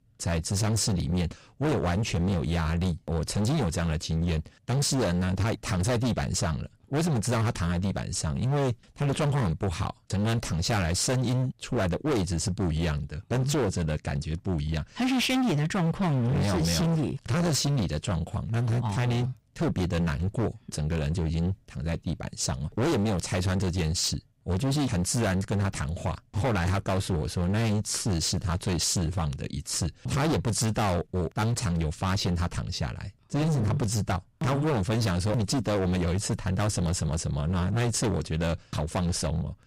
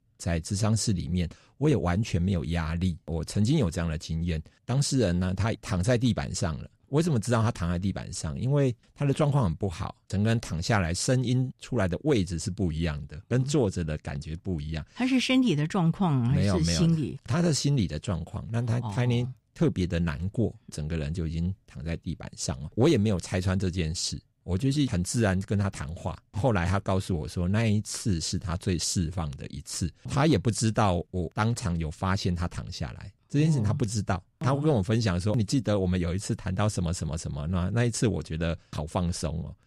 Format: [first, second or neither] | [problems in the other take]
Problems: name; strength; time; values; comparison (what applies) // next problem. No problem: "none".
second | distortion; heavy; 26% of the sound clipped